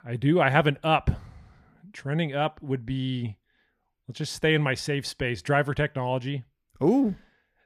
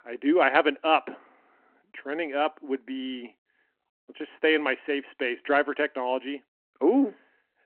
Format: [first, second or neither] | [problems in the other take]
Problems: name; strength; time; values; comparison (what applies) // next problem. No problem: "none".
first | phone-call audio